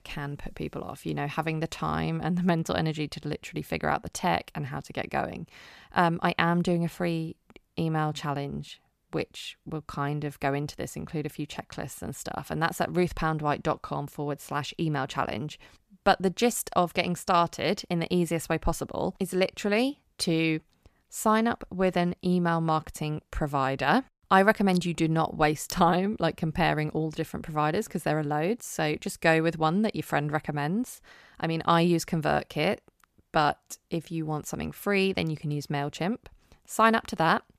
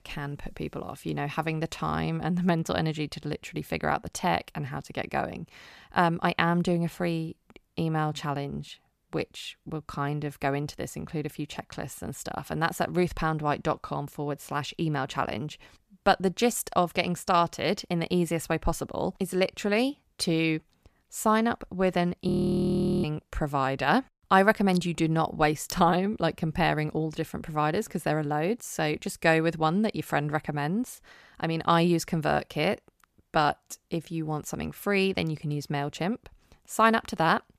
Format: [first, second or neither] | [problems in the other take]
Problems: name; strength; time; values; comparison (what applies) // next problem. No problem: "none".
first | audio freezing; at 22 s for 1 s